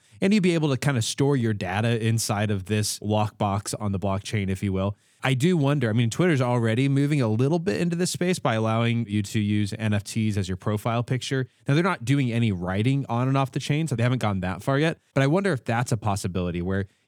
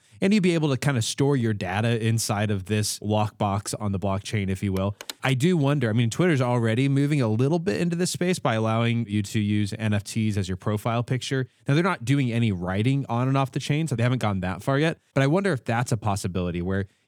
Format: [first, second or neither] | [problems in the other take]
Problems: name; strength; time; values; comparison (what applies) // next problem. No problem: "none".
first | phone ringing; faint; at 5 s; peak 15 dB below the speech